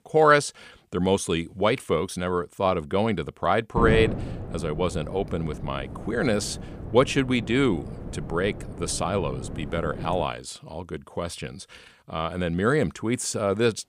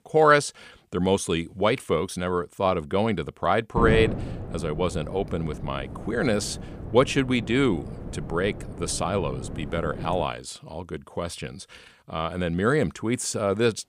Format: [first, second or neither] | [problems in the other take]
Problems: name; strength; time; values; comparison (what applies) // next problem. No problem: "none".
neither | wind noise on the microphone; occasional gusts; from 4 to 10 s; 15 dB below the speech; the same in both